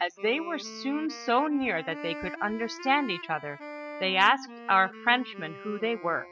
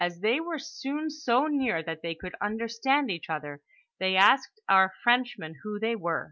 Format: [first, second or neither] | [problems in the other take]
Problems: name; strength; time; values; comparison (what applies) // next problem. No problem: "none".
second | noise reduction (classical method spectral subtraction)